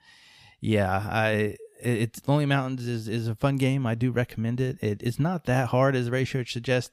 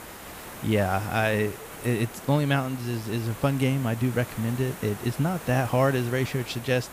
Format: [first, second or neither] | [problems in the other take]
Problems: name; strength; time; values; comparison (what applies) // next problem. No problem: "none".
first | hiss; noticeable; throughout; 15 dB below the speech